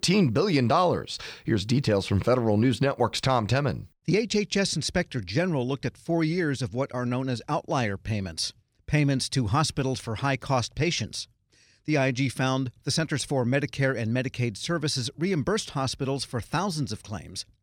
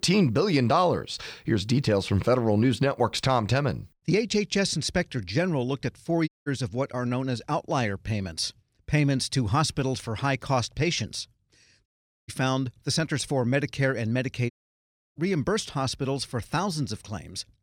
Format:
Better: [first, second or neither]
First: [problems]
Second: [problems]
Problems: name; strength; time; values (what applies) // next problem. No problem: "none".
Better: first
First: none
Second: audio cutting out; at 6.5 s, at 12 s and at 15 s for 0.5 s